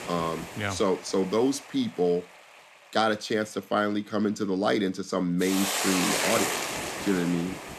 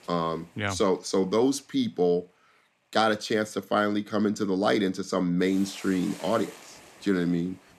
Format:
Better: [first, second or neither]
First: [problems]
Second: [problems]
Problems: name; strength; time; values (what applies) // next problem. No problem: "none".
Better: second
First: hiss; loud; throughout; 2 dB below the speech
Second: hiss; faint; throughout; 20 dB below the speech